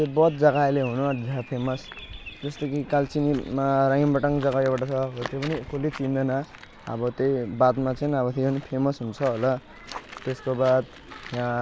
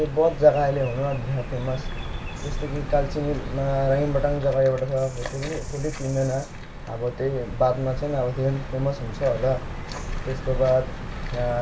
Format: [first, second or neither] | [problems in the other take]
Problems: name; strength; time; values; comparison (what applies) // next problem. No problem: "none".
first | background sound (Bird vocalization, bird call, bird song); 8 dB below the speech // room echo; dies away in 0.2 s